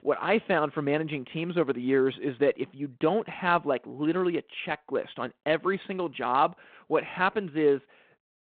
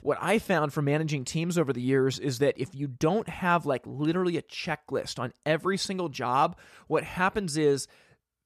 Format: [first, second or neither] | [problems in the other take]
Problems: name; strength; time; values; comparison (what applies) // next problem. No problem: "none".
second | phone-call audio; nothing above 4 kHz